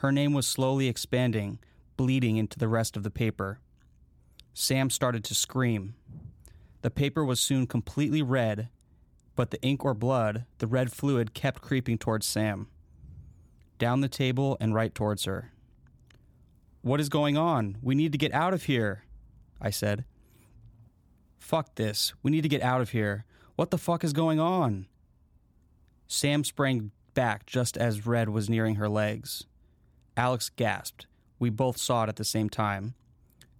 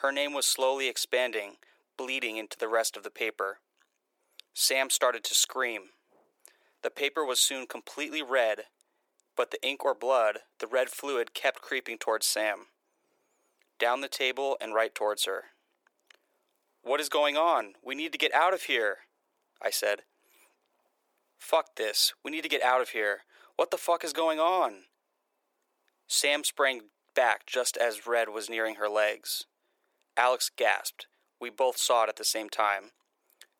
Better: first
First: none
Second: thin; very; fading below 400 Hz

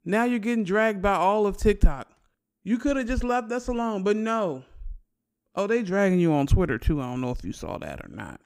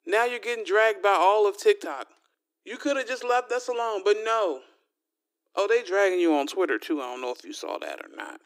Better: first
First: none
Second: thin; very; fading below 300 Hz

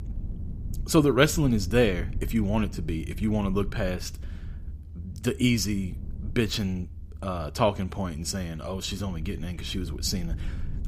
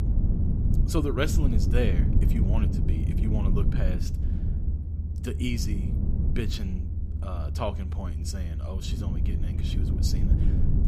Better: first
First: low rumble; faint; throughout; 25 dB below the speech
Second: low rumble; loud; throughout; 5 dB below the speech

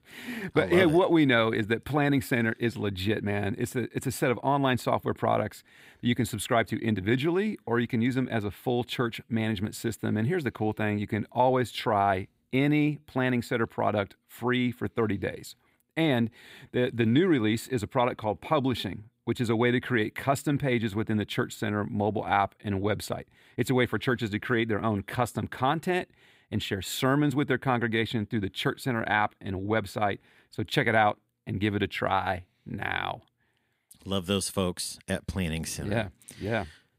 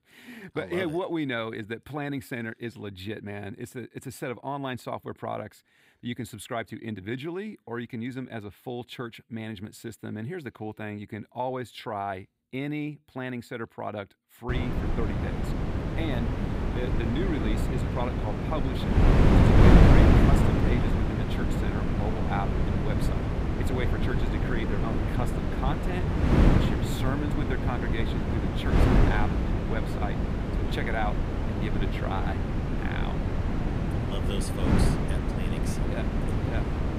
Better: first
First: none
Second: wind noise on the microphone; heavy; from 14 s on; 3 dB above the speech

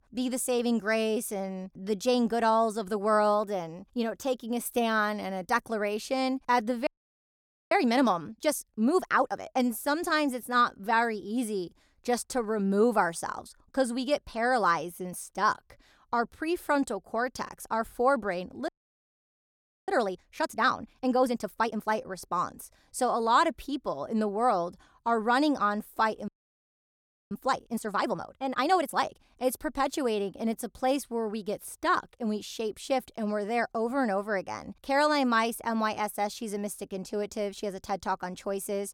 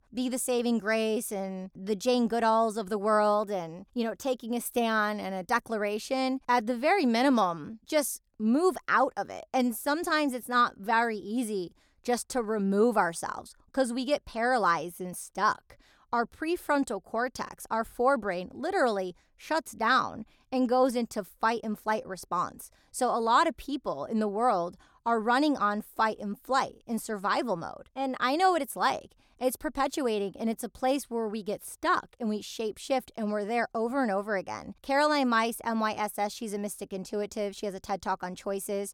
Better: second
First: audio freezing; at 7 s for 1 s, at 19 s for 1 s and at 26 s for 1 s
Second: none

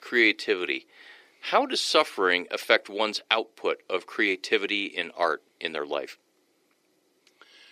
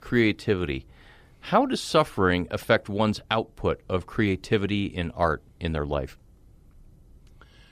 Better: second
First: thin; somewhat; fading below 350 Hz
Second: none

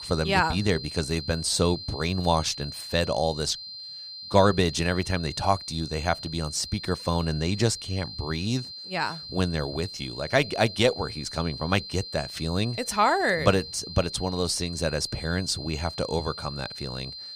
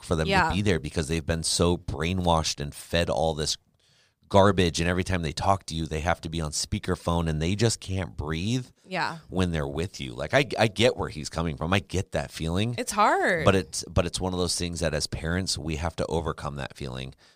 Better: second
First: high-pitched whine; loud; throughout; 4 kHz, 10 dB below the speech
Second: none

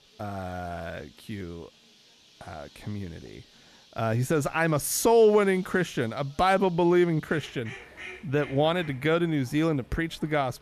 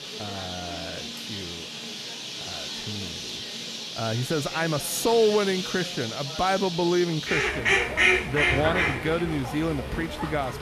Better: first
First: animal sounds; faint; throughout; 25 dB below the speech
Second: animal sounds; loud; throughout; 1 dB below the speech

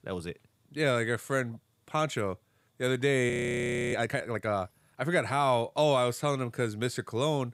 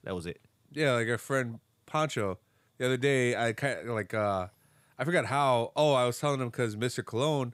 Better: second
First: audio freezing; at 3.5 s for 0.5 s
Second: none

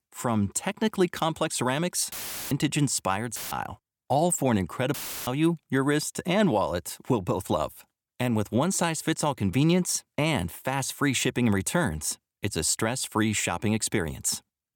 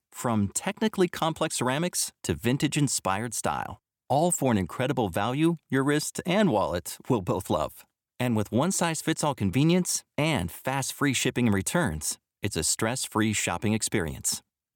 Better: second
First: audio cutting out; filled with static; at 2 s, at 3.5 s and at 5 s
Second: none

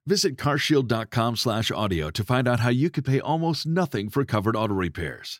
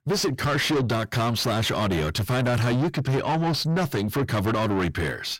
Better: first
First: none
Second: distortion; heavy; 6 dB below the speech

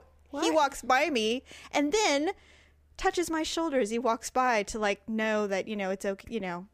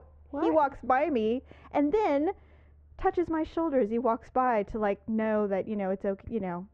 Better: first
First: none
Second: muffled; very; fading above 1 kHz

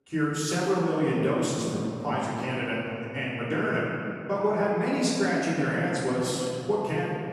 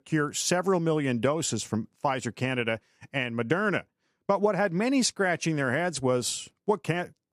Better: second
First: off-mic speech; far // room echo; strong; dies away in 2.9 s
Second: none

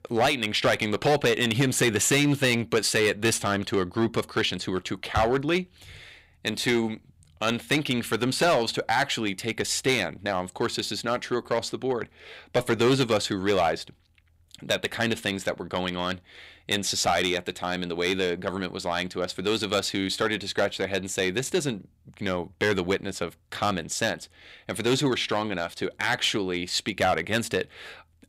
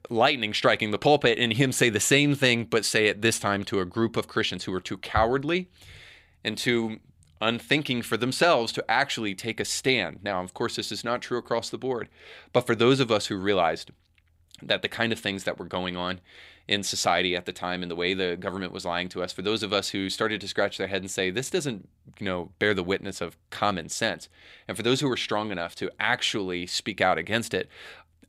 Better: second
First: distortion; slight; 3% of the sound clipped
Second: none

